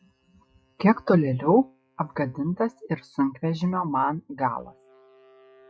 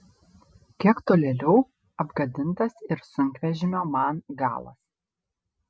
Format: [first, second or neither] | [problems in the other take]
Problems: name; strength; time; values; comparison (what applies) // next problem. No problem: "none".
second | noise reduction (classical method log-MMSE)